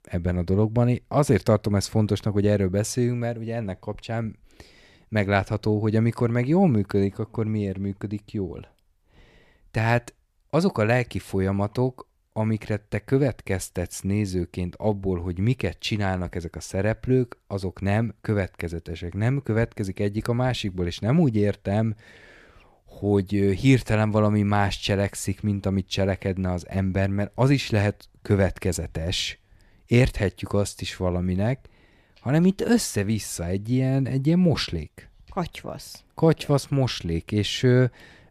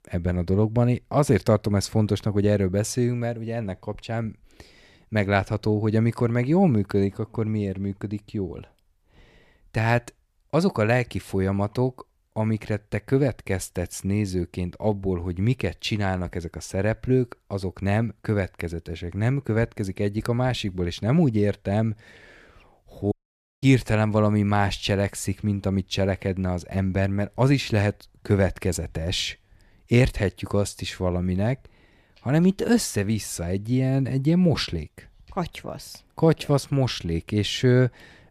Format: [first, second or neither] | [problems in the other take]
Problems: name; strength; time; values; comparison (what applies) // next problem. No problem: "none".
first | audio cutting out; at 23 s for 0.5 s